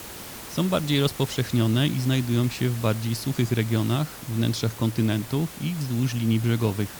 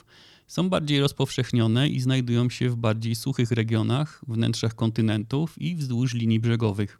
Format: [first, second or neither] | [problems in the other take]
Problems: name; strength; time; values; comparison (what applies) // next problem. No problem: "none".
second | hiss; noticeable; throughout; 15 dB below the speech